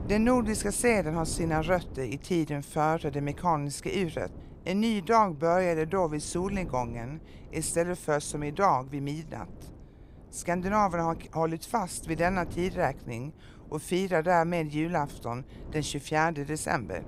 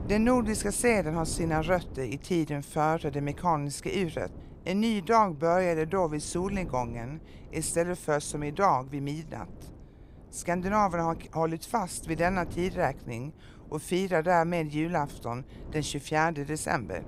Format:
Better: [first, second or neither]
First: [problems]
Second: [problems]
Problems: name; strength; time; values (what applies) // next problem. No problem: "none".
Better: neither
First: wind noise on the microphone; occasional gusts; 25 dB below the speech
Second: wind noise on the microphone; occasional gusts; 25 dB below the speech